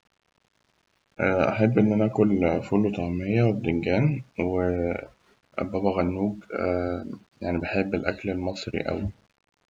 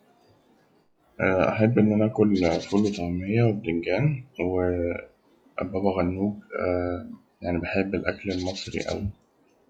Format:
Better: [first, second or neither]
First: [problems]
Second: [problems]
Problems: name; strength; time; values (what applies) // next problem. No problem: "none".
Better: first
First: none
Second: noise reduction (classical method log-MMSE)